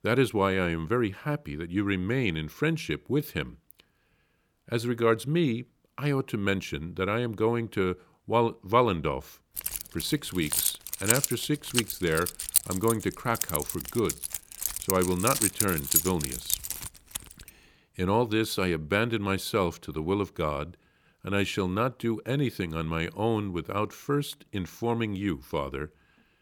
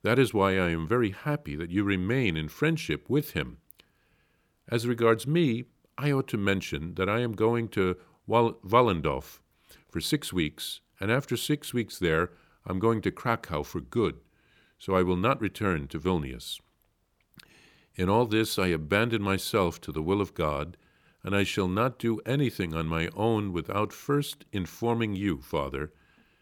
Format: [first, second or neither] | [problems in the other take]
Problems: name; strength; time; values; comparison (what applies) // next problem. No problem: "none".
second | jangling keys; loud; from 9.5 to 17 s; peak 5 dB above the speech